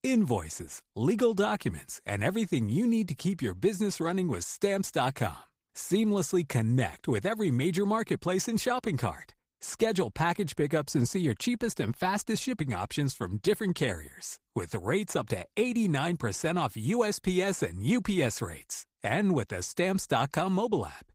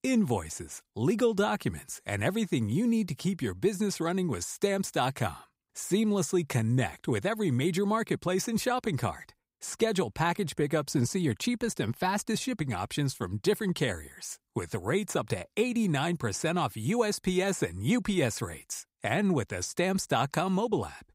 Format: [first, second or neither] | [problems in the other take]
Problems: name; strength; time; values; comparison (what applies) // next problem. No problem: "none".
second | garbled, watery; slightly; nothing above 15.5 kHz